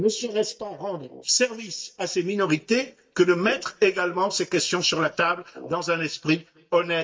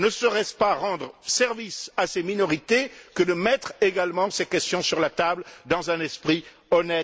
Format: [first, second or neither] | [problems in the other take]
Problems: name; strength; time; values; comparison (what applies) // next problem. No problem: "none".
second | noise reduction (neural mask model DeepFilterNet 3)